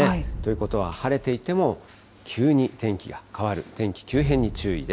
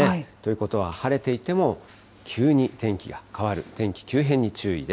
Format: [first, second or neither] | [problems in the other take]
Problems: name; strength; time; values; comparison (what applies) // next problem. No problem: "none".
second | background sound (Explosion); 12 dB below the speech